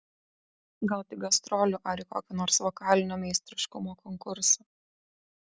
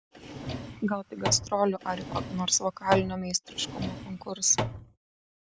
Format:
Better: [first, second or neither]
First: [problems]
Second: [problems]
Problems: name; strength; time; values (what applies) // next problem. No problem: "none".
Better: first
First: none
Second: background sound (Drawer open or close); 6 dB below the speech